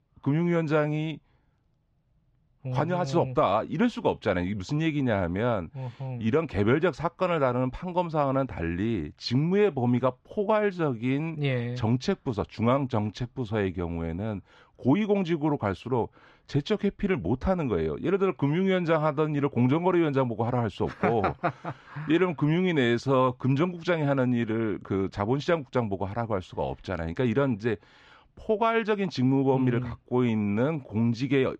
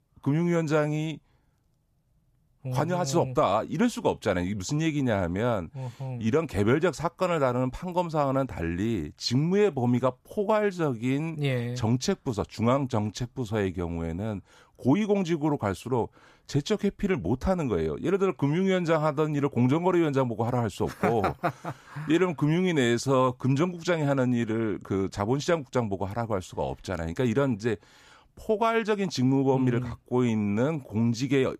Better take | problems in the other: second | muffled; very slightly; fading above 3 kHz

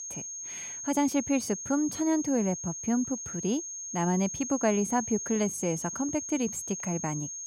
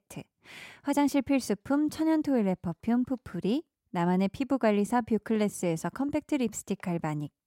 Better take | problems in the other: second | high-pitched whine; loud; throughout; 6.5 kHz, 6 dB below the speech

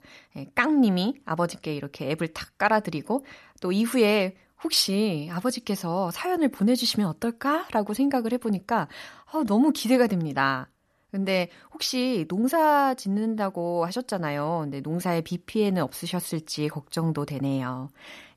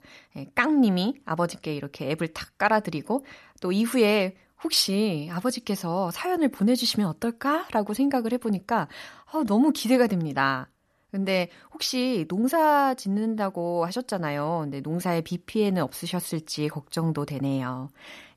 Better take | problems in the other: neither | none

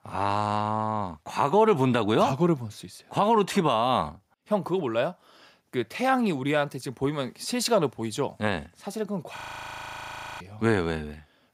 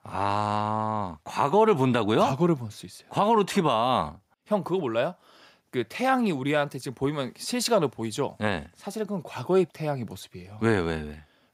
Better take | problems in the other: second | audio freezing; at 9.5 s for 1 s

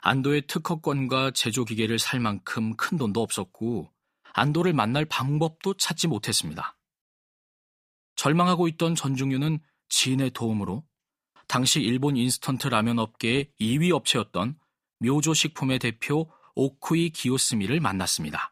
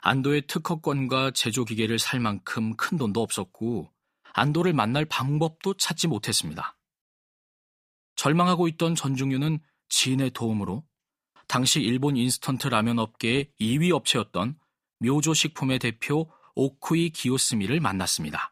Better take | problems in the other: neither | none

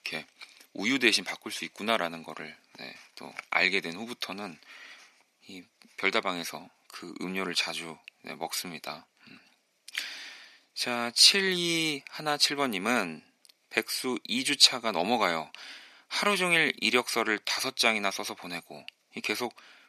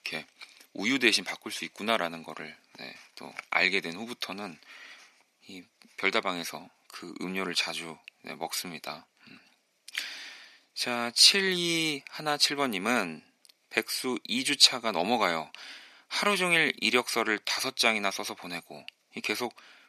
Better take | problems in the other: neither | thin; somewhat; fading below 400 Hz; the same in both

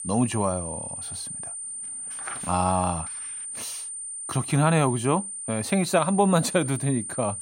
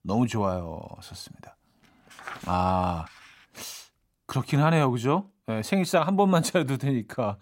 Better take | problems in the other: second | high-pitched whine; loud; throughout; 9 kHz, 7 dB below the speech

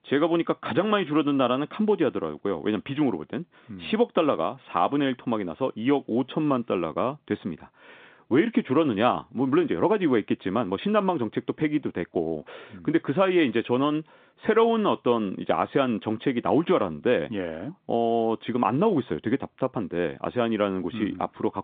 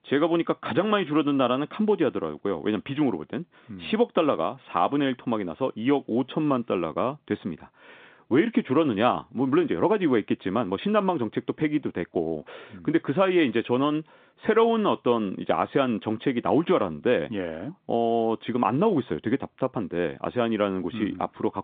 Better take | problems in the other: neither | phone-call audio; nothing above 3 kHz; the same in both

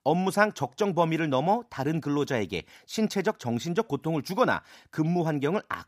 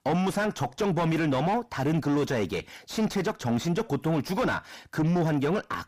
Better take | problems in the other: first | distortion; heavy; 6 dB below the speech

